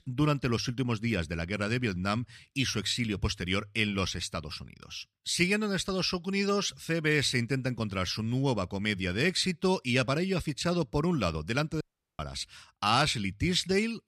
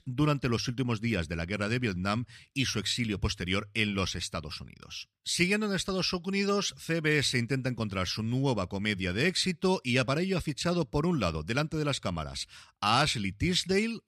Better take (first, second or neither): second